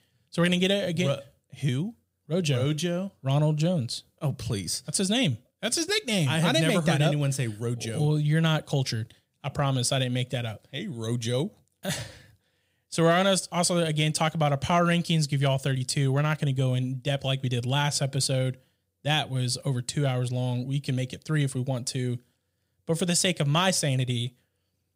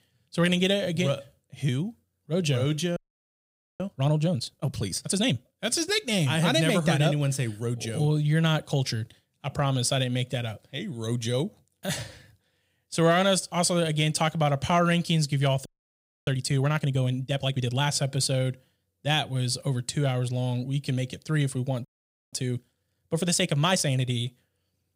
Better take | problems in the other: first | audio freezing; at 3 s for 1 s, at 16 s for 0.5 s and at 22 s

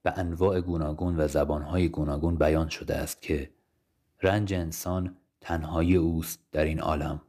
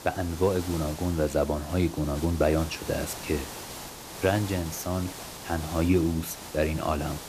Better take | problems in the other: first | hiss; noticeable; throughout; 10 dB below the speech

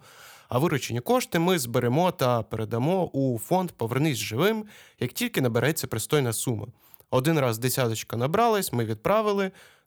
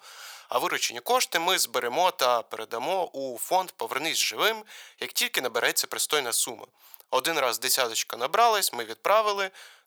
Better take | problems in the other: first | thin; very; fading below 750 Hz

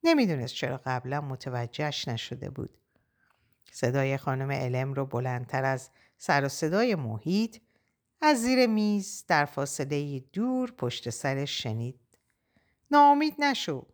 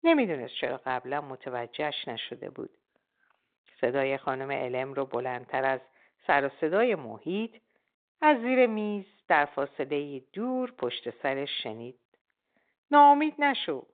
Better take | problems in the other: first | phone-call audio; nothing above 3.5 kHz

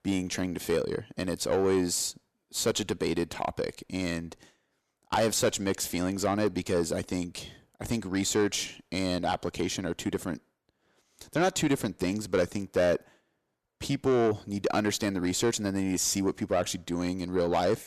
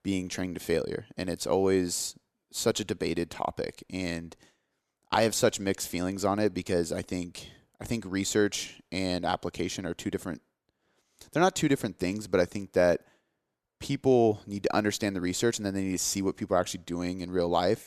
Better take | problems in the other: second | distortion; slight; 10 dB below the speech

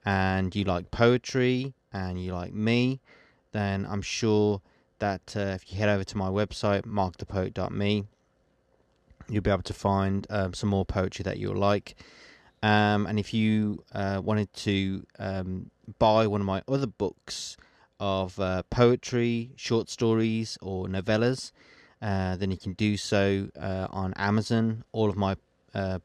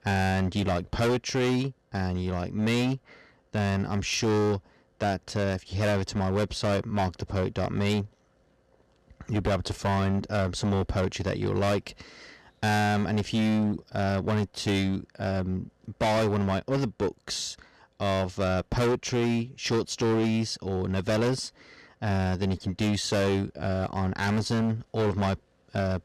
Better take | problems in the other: first | distortion; heavy; 16% of the sound clipped

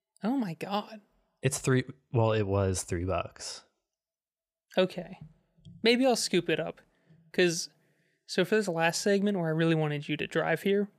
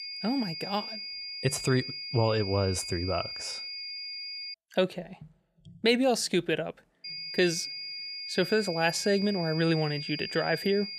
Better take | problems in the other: first | high-pitched whine; loud; until 4.5 s and from 7 s on; 5 kHz, 7 dB below the speech

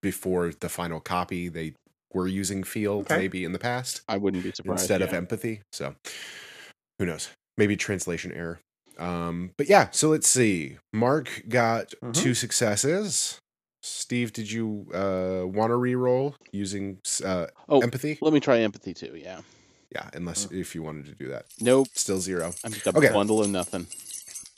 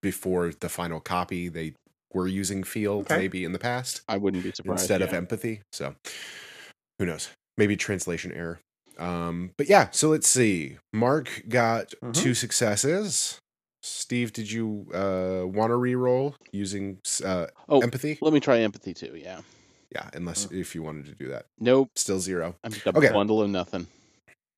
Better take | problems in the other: second | jangling keys; noticeable; from 22 s on; peak 8 dB below the speech

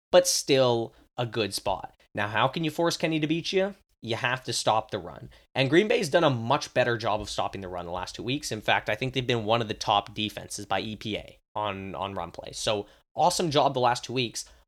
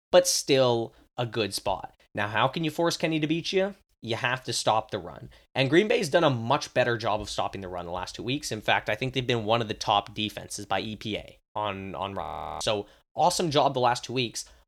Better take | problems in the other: first | audio freezing; at 12 s

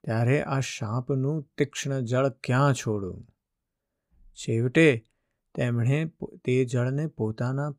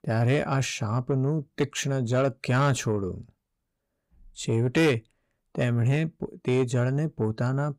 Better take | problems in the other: first | distortion; slight; 10 dB below the speech

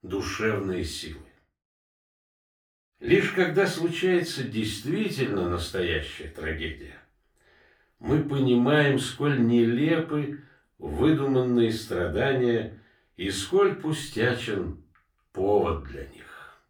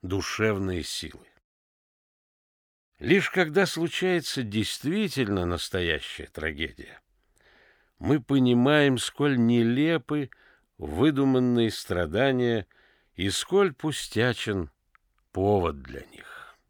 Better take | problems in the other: second | off-mic speech; far // room echo; slight; dies away in 0.3 s

